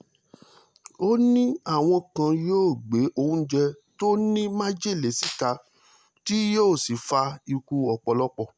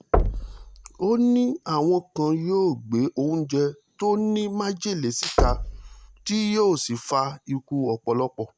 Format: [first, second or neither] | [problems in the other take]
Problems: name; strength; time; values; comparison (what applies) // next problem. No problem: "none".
first | background sound (Knock); 5 dB below the speech